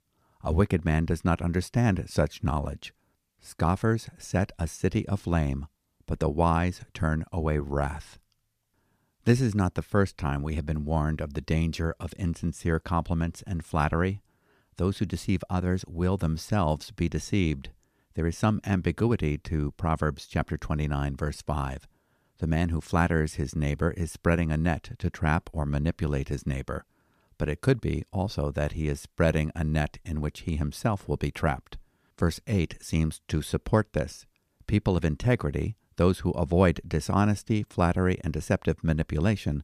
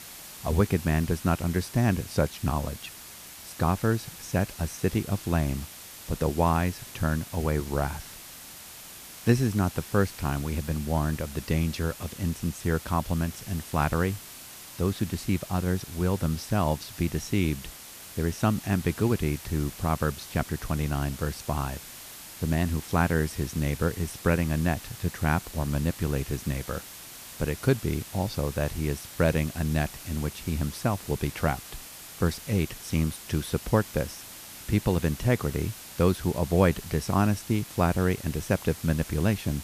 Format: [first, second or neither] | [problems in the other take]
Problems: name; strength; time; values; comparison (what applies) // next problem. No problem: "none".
first | hiss; noticeable; throughout; 15 dB below the speech